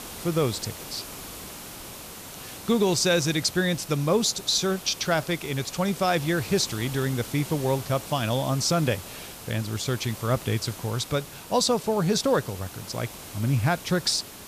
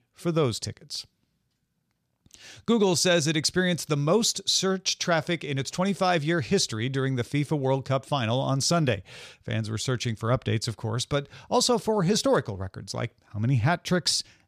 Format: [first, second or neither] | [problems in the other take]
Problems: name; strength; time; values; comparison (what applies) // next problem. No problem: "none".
second | hiss; noticeable; throughout; 15 dB below the speech